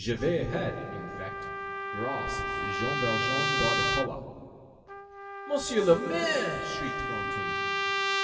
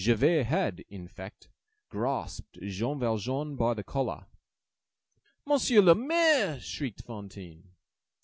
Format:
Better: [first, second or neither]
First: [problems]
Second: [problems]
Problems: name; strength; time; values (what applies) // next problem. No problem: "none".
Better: second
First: background sound (Trumpet); as loud as the speech // room echo; dies away in 2.4 s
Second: none